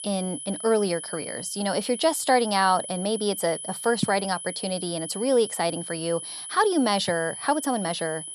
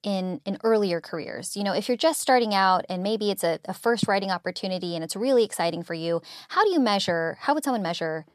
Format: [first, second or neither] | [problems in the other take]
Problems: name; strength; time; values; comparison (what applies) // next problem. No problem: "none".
second | high-pitched whine; loud; throughout; 10 kHz, 8 dB below the speech